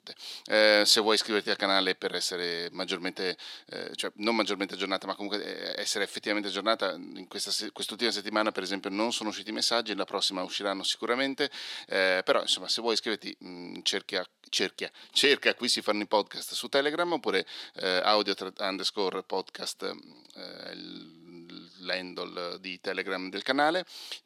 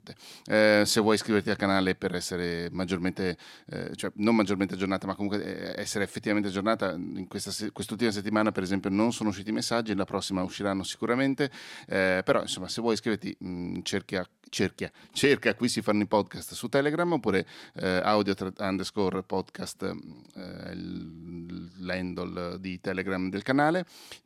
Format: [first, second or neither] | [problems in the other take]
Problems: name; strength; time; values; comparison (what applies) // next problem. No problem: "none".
second | thin; somewhat; fading below 400 Hz